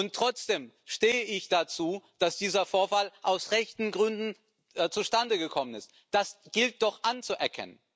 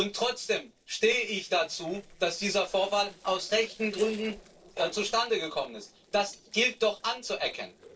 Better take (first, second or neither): first